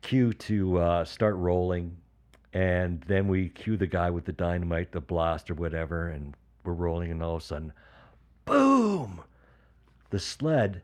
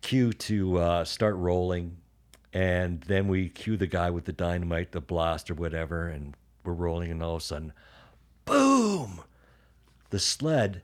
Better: second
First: muffled; slightly; fading above 3.5 kHz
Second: none

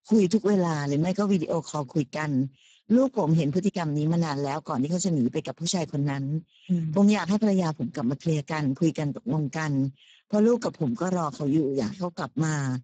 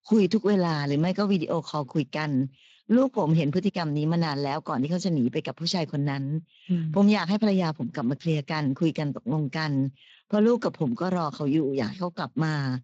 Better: second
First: garbled, watery; badly; nothing above 7.5 kHz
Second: garbled, watery; slightly; nothing above 7.5 kHz

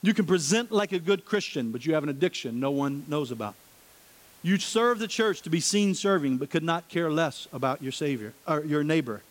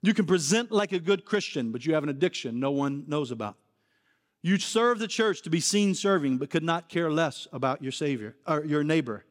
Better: second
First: hiss; faint; throughout; 25 dB below the speech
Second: none

